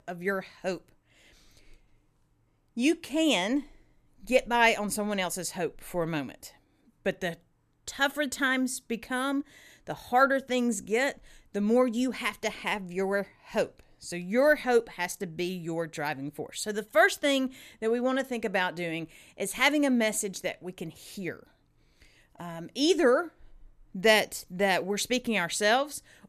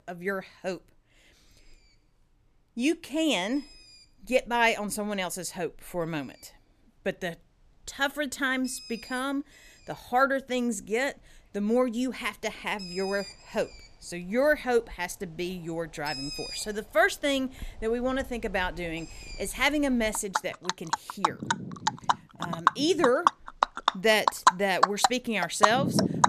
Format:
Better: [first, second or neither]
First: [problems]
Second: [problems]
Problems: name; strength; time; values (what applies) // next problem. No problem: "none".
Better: first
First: none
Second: animal sounds; loud; throughout; 1 dB below the speech